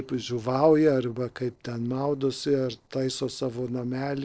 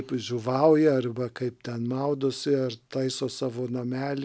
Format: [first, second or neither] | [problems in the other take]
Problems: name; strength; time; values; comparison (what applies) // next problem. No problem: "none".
second | noise reduction (neural separator model SepFormer DNS4)